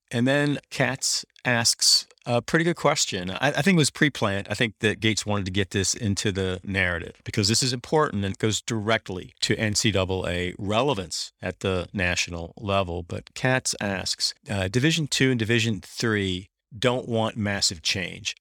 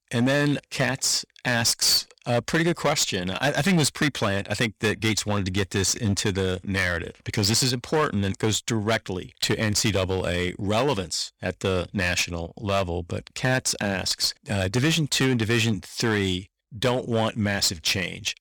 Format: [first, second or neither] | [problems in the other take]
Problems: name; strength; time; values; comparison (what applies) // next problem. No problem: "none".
first | distortion; slight; 8% of the sound clipped